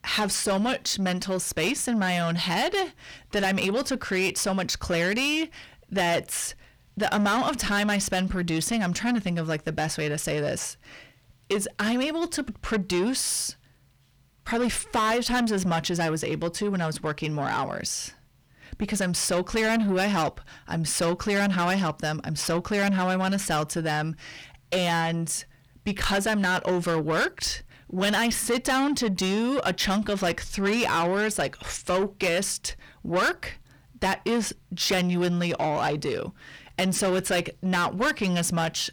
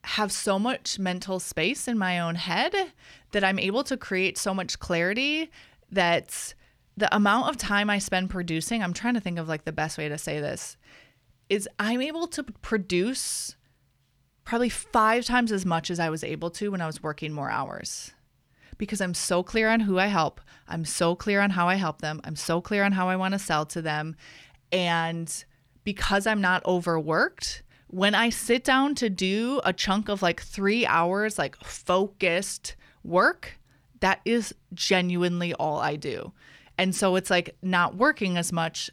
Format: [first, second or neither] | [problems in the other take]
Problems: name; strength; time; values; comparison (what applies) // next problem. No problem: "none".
second | distortion; heavy; 8 dB below the speech